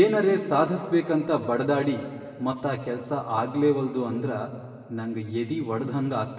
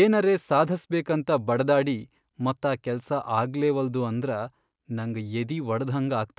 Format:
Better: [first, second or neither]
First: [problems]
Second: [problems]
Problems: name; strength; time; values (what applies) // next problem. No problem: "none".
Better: second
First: room echo; dies away in 1.7 s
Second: none